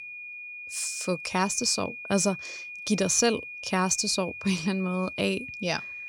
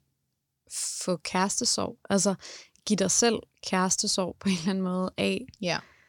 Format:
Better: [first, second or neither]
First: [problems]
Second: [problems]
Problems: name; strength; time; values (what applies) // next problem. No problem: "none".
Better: second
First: high-pitched whine; noticeable; throughout; 2.5 kHz, 10 dB below the speech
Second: none